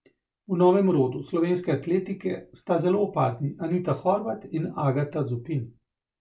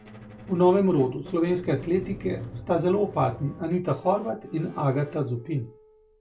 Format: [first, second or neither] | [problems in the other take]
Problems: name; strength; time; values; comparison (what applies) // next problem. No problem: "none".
first | background sound (Squeak); 16 dB below the speech